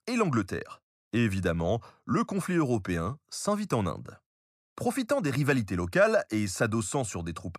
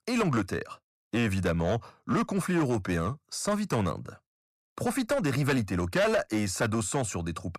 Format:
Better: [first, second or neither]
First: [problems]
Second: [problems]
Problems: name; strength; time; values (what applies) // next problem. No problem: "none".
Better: first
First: none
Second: distortion; slight; 8% of the sound clipped